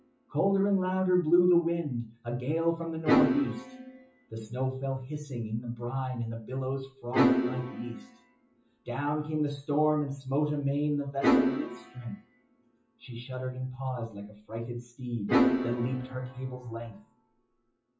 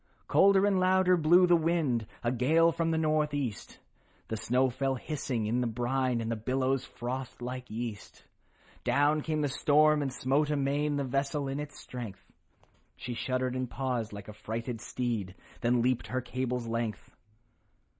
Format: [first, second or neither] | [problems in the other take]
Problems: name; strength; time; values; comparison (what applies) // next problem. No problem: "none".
second | noise reduction (classical method WPE with log-MMSE)